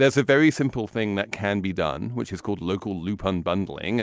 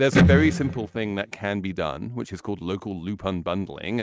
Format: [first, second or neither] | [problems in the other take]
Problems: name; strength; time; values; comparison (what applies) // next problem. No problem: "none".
first | noise reduction (neural mask model RNNoise)